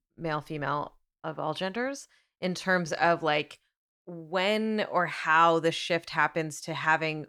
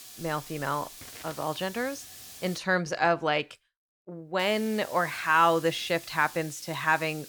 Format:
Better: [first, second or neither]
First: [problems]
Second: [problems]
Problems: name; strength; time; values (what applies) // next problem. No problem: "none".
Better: first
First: none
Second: hiss; noticeable; until 2.5 s and from 4.5 s on; 15 dB below the speech